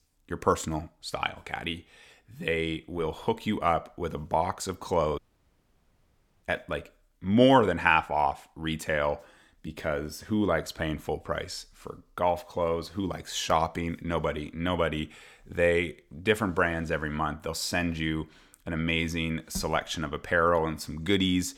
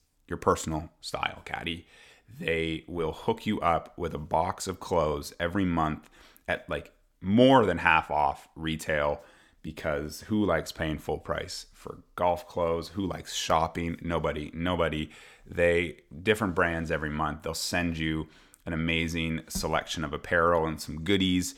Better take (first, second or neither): second